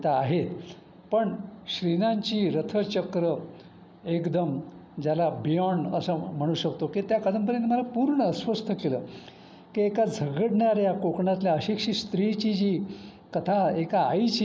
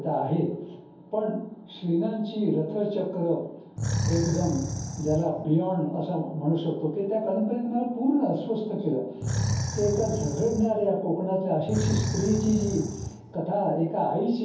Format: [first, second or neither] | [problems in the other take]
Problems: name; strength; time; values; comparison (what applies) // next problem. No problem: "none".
first | background sound (Animal); 4 dB below the speech // room echo; dies away in 0.6 s